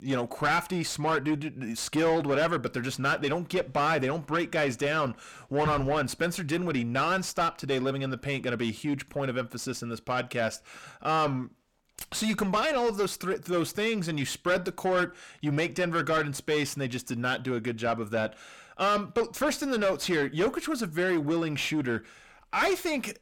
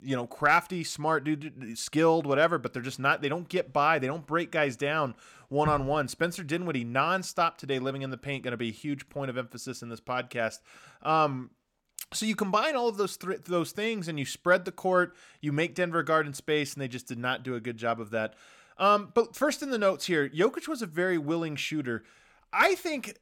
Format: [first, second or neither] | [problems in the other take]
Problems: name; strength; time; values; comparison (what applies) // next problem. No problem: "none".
second | distortion; heavy; 7 dB below the speech